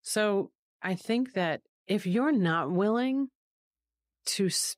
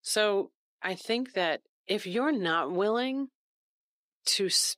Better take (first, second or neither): first